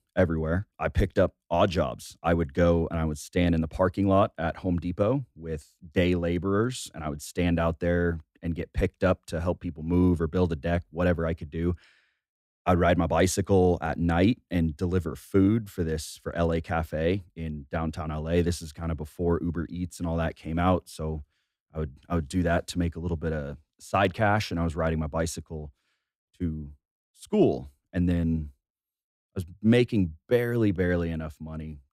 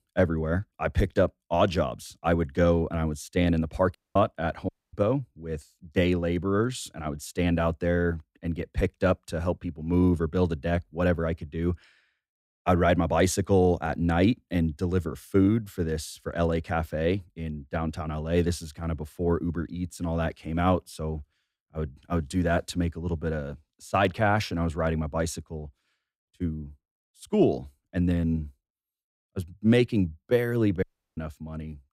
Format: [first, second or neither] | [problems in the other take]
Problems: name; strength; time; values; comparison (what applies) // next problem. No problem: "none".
first | audio cutting out; at 4 s, at 4.5 s and at 31 s